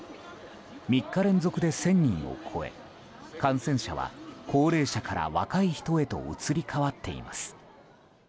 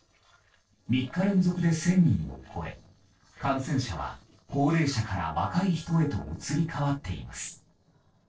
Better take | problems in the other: first | noise reduction (neural separator model SepFormer DNS4)

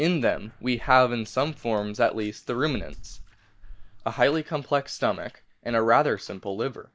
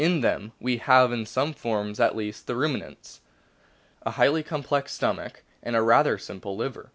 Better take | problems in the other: second | noise reduction (neural mask model DeepFilterNet 3)

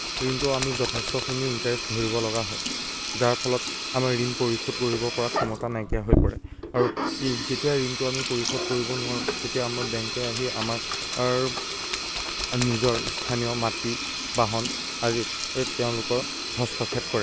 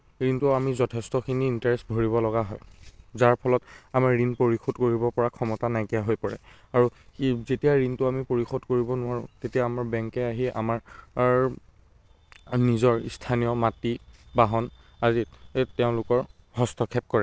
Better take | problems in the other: second | background sound (Sink (filling or washing)); 1 dB below the speech

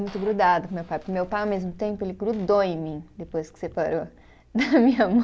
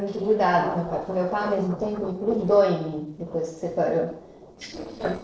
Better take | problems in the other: first | noise reduction (neural separator model SepFormer DNS4)

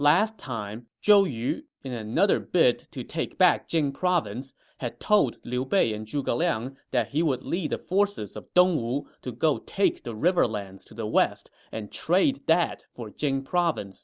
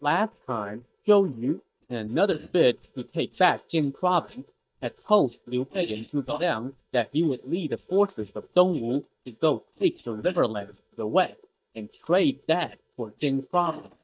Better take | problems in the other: first | noise reduction (neural mask model DeepFilterNet 3)

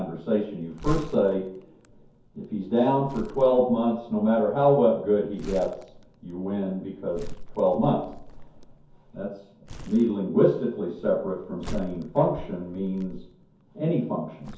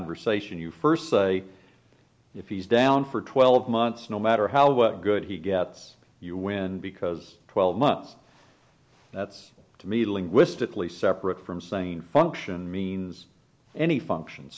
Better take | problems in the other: second | background sound (Crumpling, crinkling); 14 dB below the speech // room echo; dies away in 0.6 s

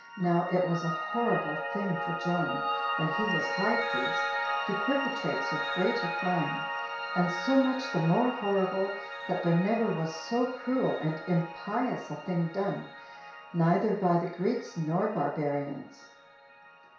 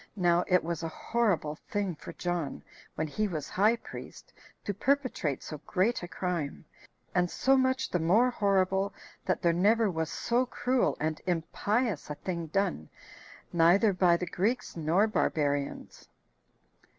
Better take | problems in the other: second | background sound (Piano); 5 dB below the speech // room echo; dies away in 0.6 s

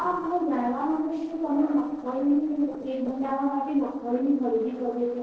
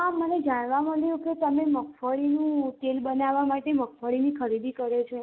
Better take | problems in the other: second | noise reduction (neural separator model SepFormer DNS4)

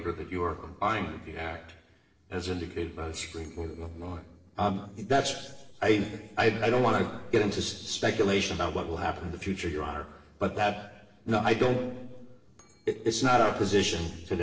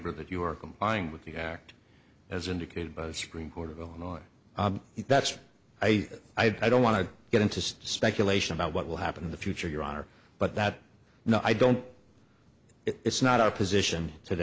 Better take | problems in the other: second | noise reduction (neural separator model SepFormer DNS4)

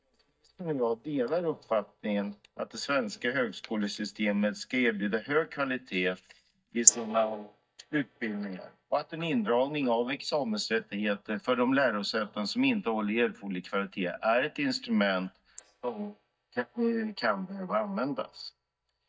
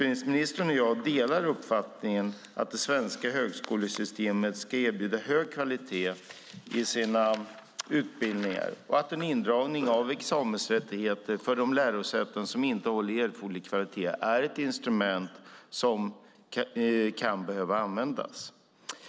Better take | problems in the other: second | noise reduction (neural mask model DeepFilterNet 3)

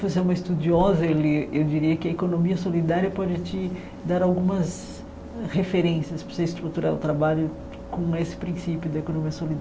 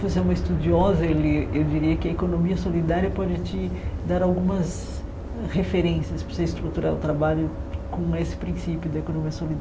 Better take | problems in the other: first | background sound (Aircraft); 6 dB below the speech

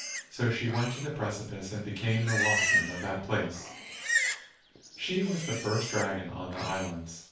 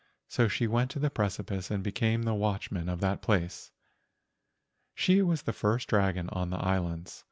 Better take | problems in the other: second | background sound (Livestock, farm animals, working animals); 2 dB below the speech // room echo; dies away in 0.3 s

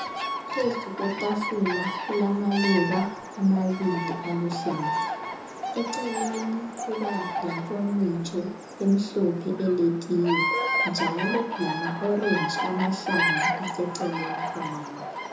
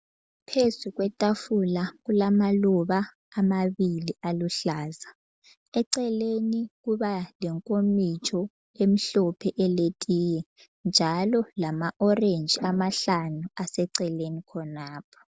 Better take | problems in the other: second | background sound (Bird vocalization, bird call, bird song); 3 dB below the speech // room echo; dies away in 0.6 s

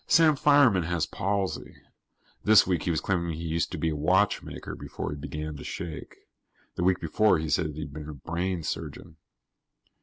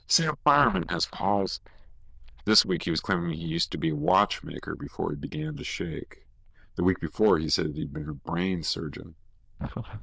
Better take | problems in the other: first | noise reduction (neural diffusion model UNIVERSE++)

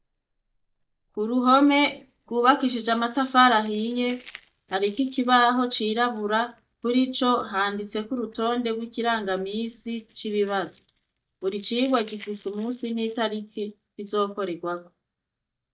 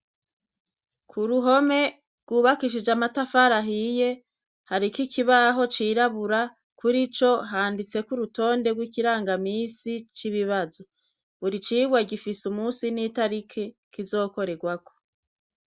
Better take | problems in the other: second | noise reduction (neural mask model DeepFilterNet 3)

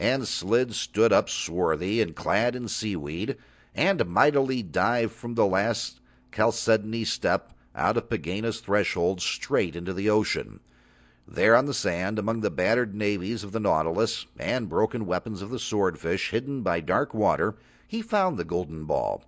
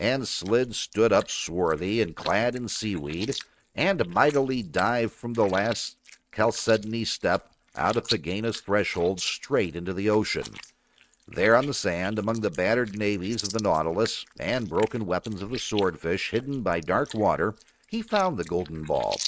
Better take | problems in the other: first | noise reduction (neural mask model RNNoise)

